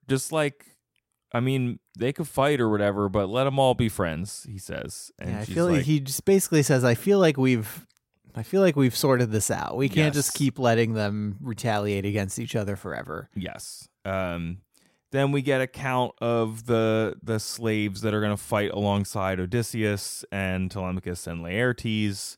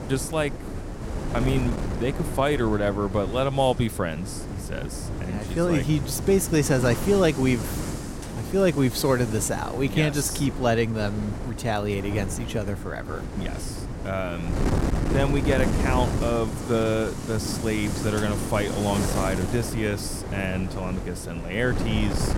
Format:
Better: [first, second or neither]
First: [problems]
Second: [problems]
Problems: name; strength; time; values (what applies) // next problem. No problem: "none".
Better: first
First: none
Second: wind noise on the microphone; heavy; 8 dB below the speech